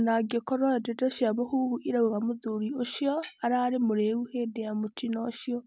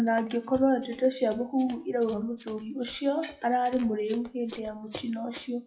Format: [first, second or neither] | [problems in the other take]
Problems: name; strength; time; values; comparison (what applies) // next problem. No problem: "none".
first | noise reduction (classical method WPE with log-MMSE)